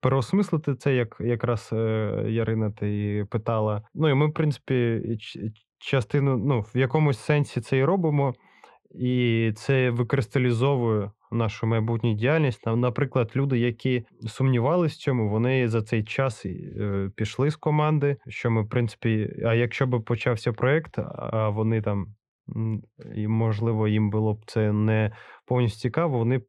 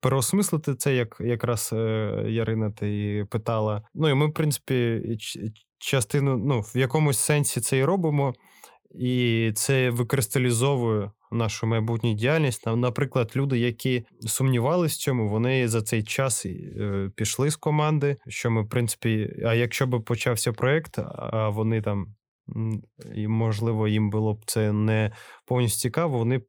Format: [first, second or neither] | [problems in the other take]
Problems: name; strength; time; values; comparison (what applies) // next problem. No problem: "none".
second | muffled; slightly; fading above 3 kHz